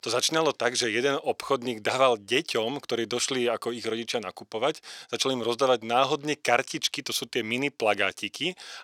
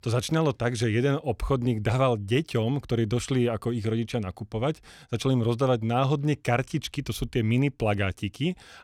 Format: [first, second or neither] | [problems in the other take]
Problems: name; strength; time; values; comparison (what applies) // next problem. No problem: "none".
second | thin; somewhat; fading below 450 Hz